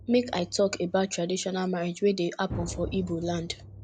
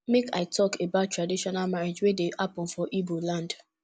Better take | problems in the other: second | background sound (Drum); 14 dB below the speech

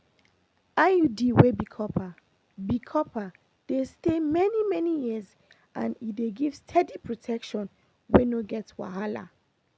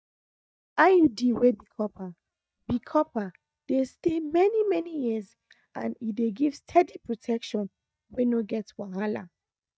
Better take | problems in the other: first | noise reduction (neural mask model DeepFilterNet 3)

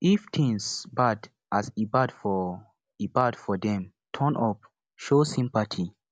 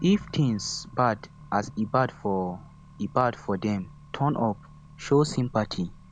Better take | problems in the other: first | background sound (Accelerating, revving, vroom); 19 dB below the speech

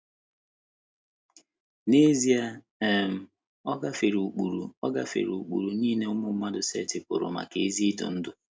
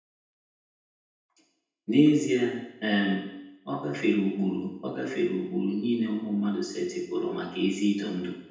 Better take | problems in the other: first | room echo; dies away in 0.9 s

